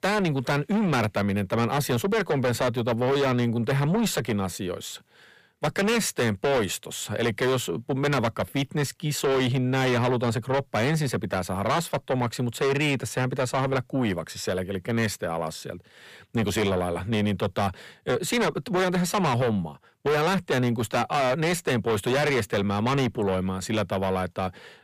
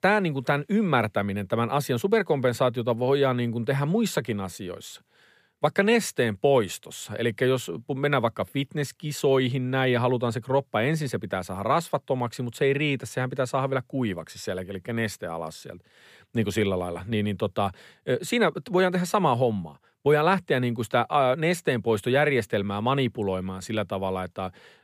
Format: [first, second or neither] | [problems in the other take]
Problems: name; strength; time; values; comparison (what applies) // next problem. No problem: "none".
second | distortion; heavy; 7 dB below the speech